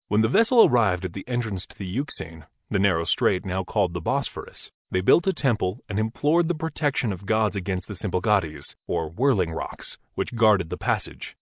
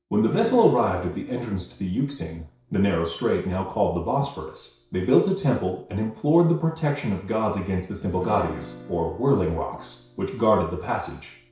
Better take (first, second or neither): first